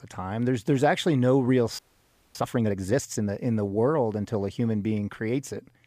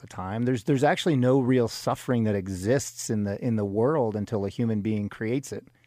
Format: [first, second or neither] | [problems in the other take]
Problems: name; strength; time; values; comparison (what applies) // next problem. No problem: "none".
second | audio freezing; at 2 s for 0.5 s